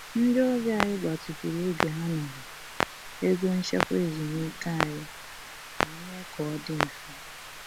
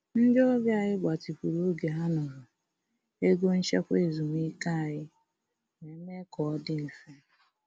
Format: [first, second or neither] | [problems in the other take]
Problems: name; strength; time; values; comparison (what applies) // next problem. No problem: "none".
second | background sound (Clock); 5 dB below the speech